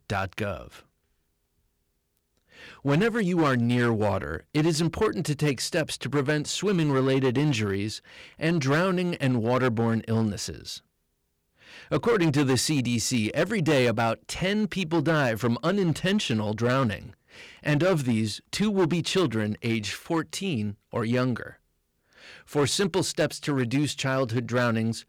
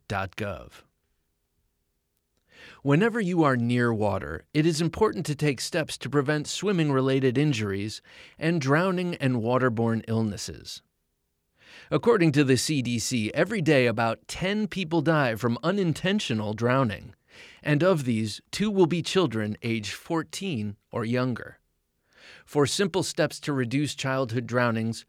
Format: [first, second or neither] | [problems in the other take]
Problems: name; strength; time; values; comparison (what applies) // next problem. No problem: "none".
second | distortion; slight; 6% of the sound clipped